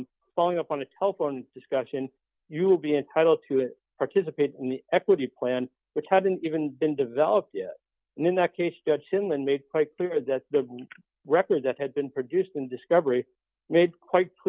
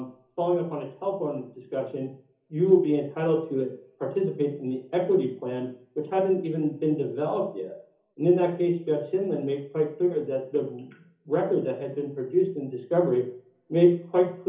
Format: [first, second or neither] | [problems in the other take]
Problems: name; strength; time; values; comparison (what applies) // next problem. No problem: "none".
first | room echo; dies away in 0.7 s